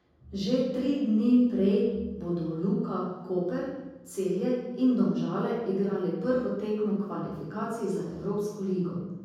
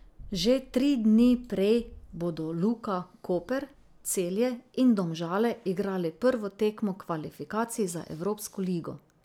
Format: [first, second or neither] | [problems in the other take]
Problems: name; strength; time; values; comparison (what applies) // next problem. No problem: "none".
second | room echo; dies away in 1.3 s